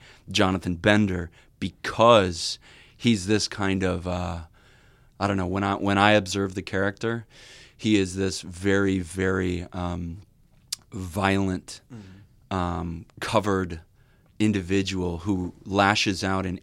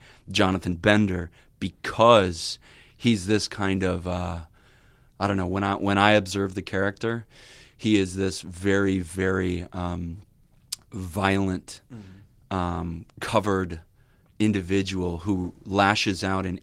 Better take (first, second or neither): first